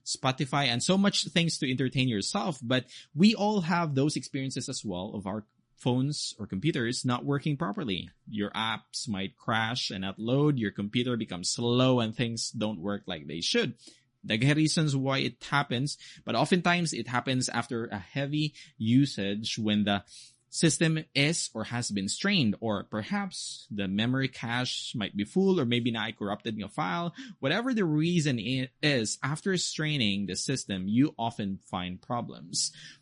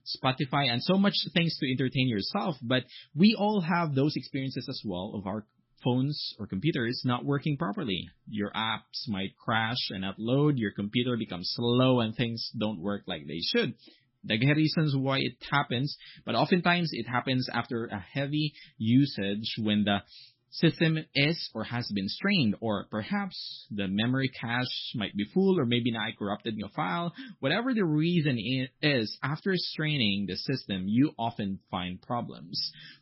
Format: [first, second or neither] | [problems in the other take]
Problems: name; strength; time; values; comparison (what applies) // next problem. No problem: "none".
first | garbled, watery; badly; nothing above 5.5 kHz; slightly in the first